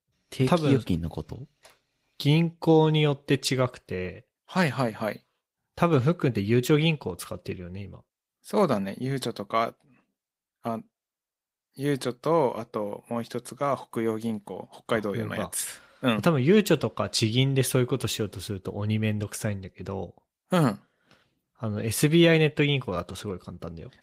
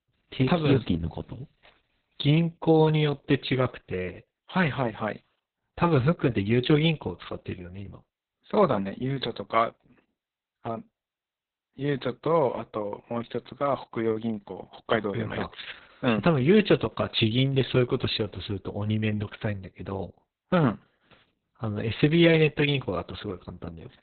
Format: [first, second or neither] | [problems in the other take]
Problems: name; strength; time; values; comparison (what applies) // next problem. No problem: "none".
first | garbled, watery; badly; nothing above 4 kHz; slightly in the first